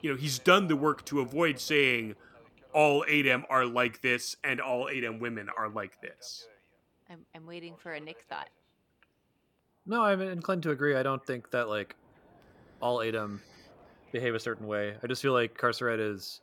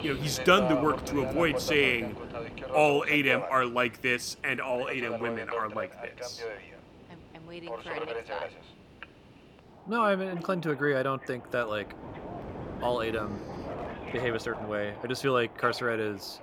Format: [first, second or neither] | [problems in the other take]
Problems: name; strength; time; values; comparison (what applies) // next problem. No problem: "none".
first | train or aircraft noise; loud; throughout; 10 dB below the speech; faint in the first